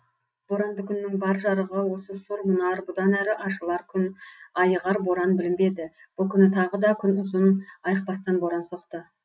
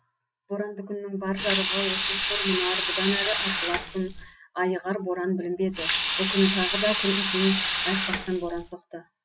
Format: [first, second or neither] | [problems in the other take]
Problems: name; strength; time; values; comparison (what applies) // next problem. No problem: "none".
first | background sound (Sink (filling or washing) / Water tap, faucet); 1 dB above the speech